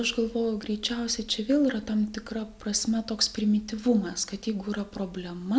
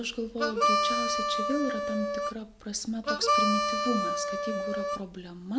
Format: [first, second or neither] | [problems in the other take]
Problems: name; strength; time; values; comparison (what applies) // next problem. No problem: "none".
first | background sound (Harmonica); 4 dB above the speech